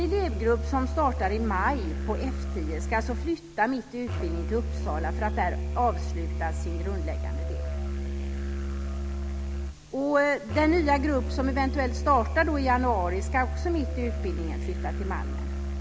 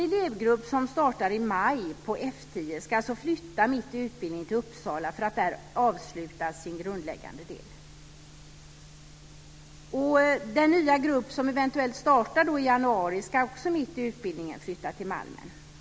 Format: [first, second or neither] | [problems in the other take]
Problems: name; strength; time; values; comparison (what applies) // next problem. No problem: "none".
second | background sound (Musical instrument); 1 dB below the speech